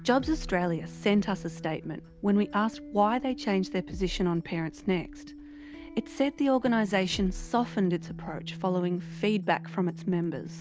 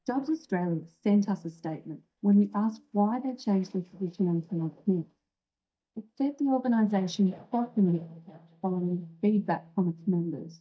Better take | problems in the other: first | noise reduction (neural mask model DeepFilterNet 3)

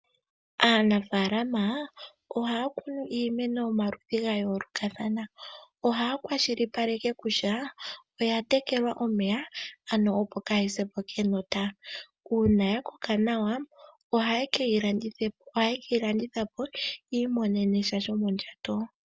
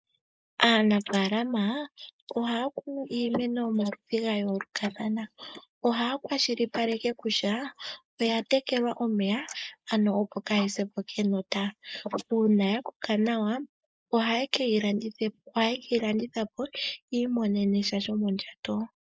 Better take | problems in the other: first | noise reduction (neural mask model Resemble Enhance denoiser)

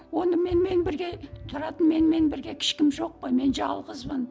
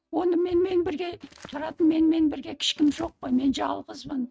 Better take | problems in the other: first | noise reduction (neural mask model RNNoise)

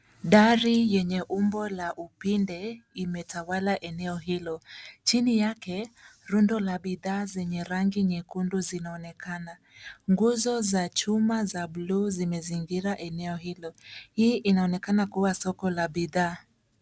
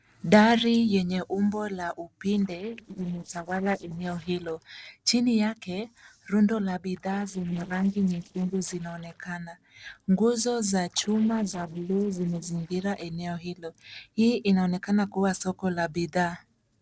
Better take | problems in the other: first | noise reduction (neural separator model SepFormer DNS4)

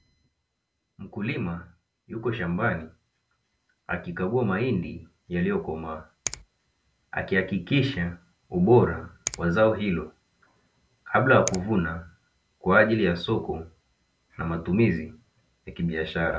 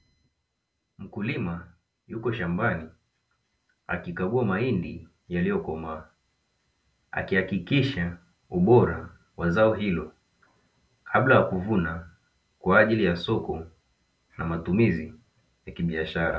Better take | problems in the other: second | background sound (Finger snapping); 13 dB below the speech

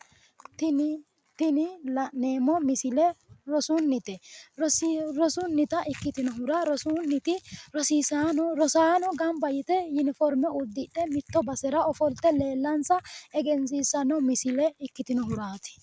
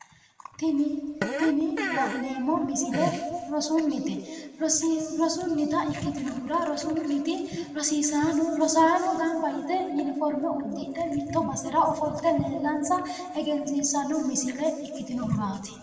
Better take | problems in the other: first | background sound (Fart); 8 dB below the speech // room echo; dies away in 2 s

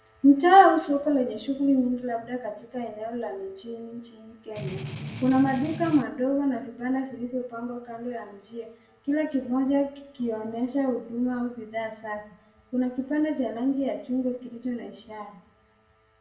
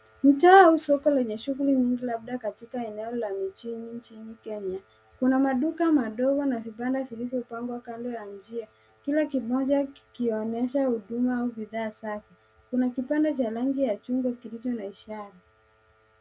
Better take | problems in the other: second | background sound (Strum); 9 dB below the speech // room echo; dies away in 0.7 s

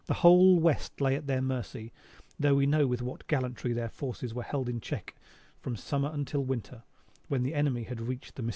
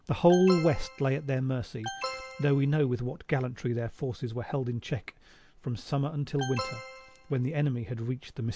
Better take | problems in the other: first | background sound (Alarm); 12 dB below the speech

